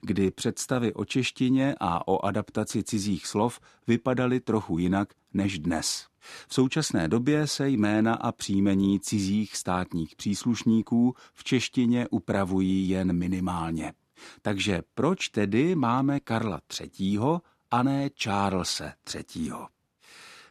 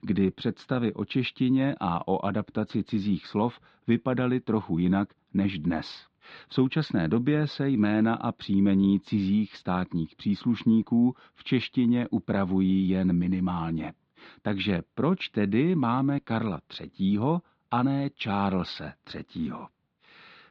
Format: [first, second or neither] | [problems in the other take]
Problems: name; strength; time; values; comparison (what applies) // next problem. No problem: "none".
first | muffled; slightly; fading above 4 kHz